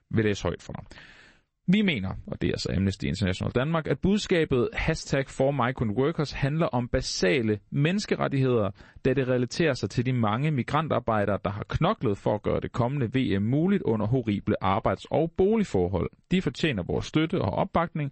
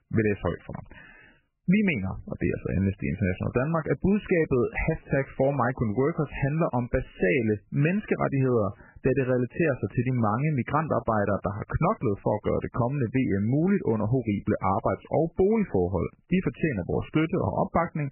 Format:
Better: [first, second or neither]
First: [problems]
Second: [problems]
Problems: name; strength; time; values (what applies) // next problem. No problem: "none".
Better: first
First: garbled, watery; slightly; nothing above 8 kHz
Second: garbled, watery; badly; nothing above 3 kHz